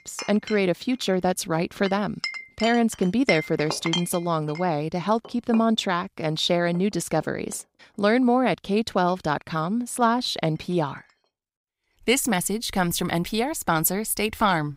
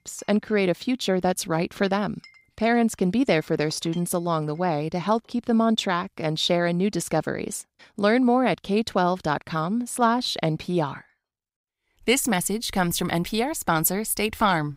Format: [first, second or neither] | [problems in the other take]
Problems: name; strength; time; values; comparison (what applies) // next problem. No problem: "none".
second | household noises; loud; throughout; 9 dB below the speech; faint in the second